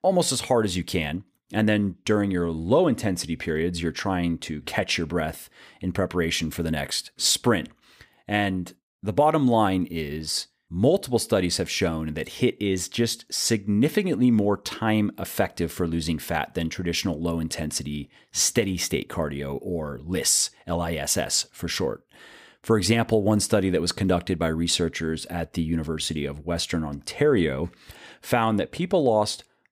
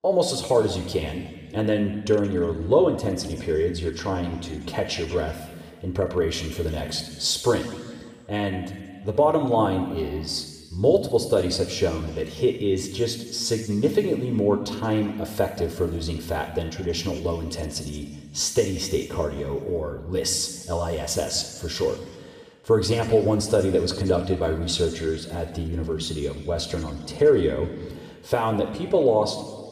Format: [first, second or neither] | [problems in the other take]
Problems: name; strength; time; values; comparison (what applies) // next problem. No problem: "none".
first | room echo; noticeable; dies away in 1.4 s // off-mic speech; somewhat distant